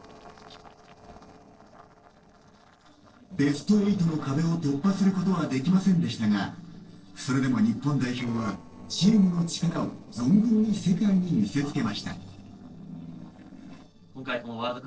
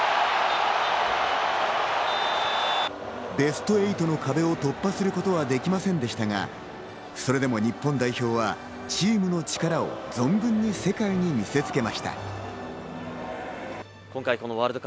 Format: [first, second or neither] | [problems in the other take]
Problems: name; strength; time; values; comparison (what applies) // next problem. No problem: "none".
second | noise reduction (neural separator model SepFormer DNS4)